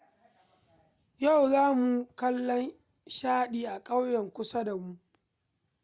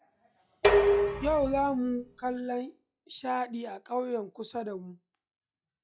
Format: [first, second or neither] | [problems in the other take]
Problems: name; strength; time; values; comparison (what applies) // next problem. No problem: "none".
first | noise reduction (classical method log-MMSE)